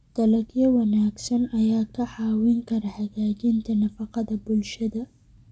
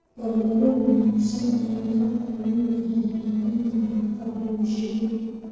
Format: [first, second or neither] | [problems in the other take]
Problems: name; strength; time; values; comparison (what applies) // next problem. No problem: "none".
first | noise reduction (neural separator model SepFormer DNS4)